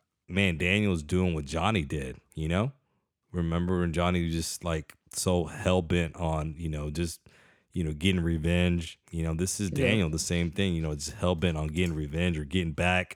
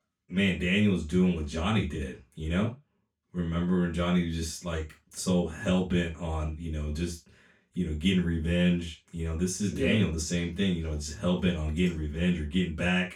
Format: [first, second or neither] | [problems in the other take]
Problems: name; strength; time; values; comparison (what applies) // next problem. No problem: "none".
first | room echo; slight; dies away in 0.2 s // off-mic speech; far